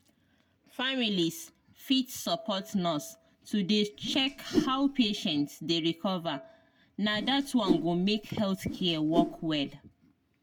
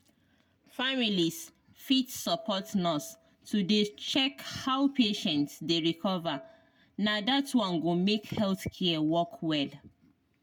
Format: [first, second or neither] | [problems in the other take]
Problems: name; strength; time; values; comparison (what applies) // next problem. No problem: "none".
second | background sound (Whoosh, swoosh, swish); 3 dB below the speech